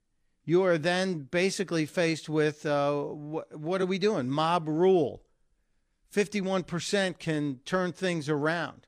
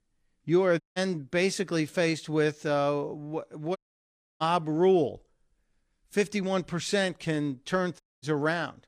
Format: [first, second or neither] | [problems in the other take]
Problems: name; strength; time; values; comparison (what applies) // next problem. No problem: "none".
first | audio cutting out; at 1 s, at 4 s for 0.5 s and at 8 s